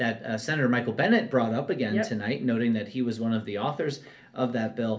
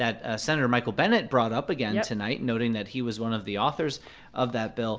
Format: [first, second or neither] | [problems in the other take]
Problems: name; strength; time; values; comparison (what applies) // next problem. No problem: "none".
second | room echo; dies away in 0.3 s